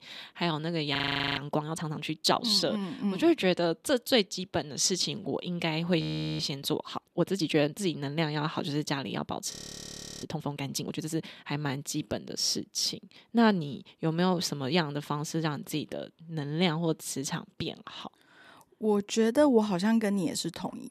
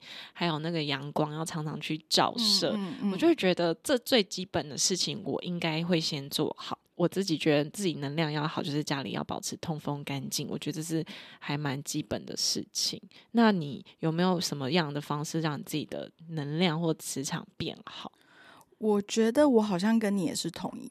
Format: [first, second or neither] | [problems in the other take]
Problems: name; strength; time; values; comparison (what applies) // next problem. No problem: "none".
second | audio freezing; at 1 s, at 6 s and at 9.5 s for 0.5 s